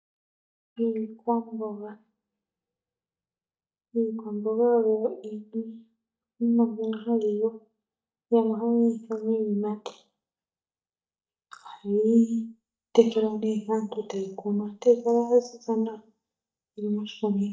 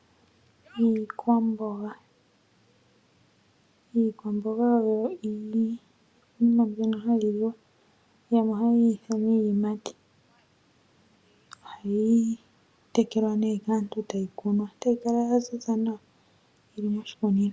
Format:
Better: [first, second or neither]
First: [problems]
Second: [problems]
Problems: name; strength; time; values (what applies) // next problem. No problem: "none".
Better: second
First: noise reduction (neural mask model DeepFilterNet 3)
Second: none